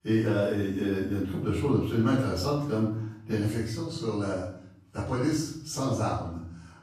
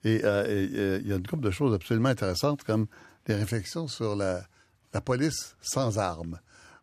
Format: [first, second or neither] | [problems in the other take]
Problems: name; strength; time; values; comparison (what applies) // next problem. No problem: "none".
second | off-mic speech; far // room echo; noticeable; dies away in 0.6 s